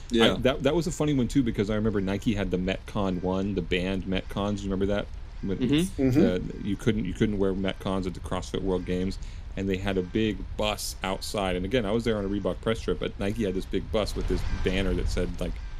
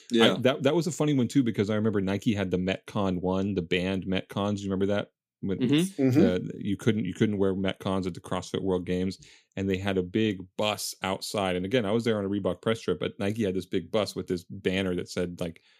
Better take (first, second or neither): second